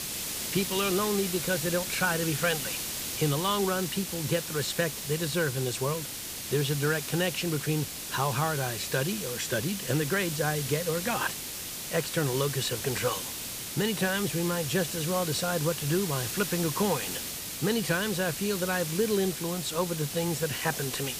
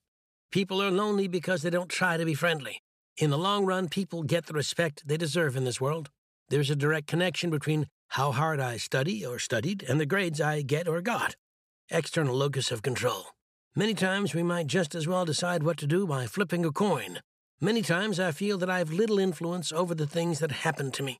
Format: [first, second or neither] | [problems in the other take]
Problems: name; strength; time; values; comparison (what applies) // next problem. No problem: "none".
second | hiss; loud; throughout; 4 dB below the speech